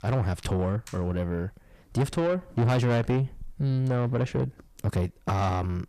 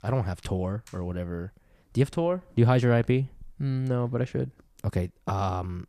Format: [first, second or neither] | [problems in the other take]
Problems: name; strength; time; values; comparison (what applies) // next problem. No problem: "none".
second | distortion; heavy; 8 dB below the speech